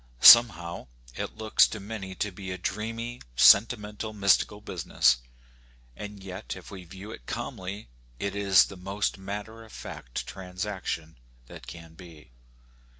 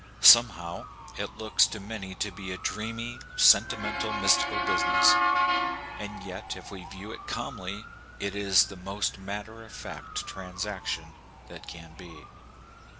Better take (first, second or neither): first